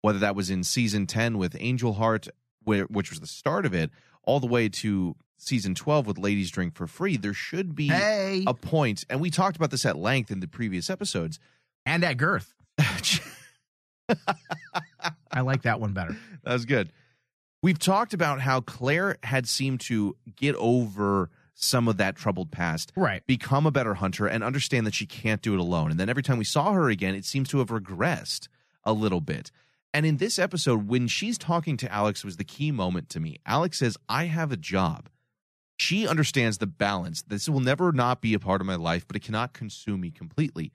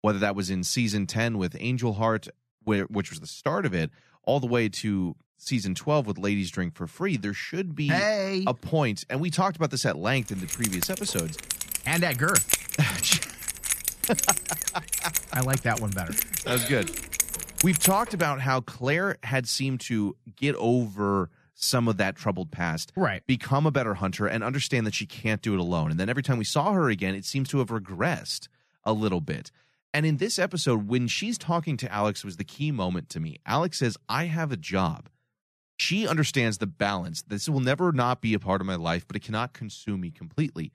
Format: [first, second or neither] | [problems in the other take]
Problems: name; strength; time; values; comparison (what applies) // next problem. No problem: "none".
first | jangling keys; loud; from 10 to 18 s; peak 5 dB above the speech